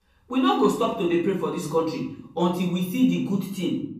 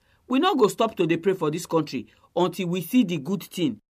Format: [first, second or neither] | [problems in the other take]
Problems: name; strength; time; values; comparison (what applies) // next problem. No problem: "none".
second | room echo; noticeable; dies away in 0.6 s // off-mic speech; far